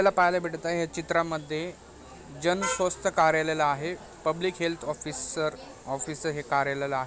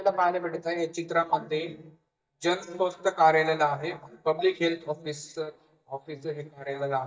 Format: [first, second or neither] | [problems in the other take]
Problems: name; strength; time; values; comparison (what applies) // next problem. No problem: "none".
first | noise reduction (neural mask model DeepFilterNet 3)